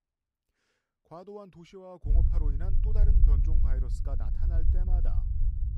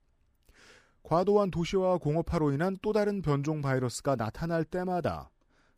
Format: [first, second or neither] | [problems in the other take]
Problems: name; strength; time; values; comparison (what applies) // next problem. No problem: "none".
second | low rumble; loud; from 2 s on; 1 dB below the speech